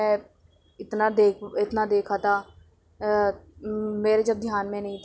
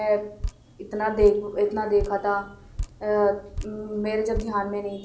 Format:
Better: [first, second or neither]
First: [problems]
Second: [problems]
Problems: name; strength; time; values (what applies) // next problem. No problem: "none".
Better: first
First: none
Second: background sound (Drip); 11 dB below the speech // room echo; dies away in 0.5 s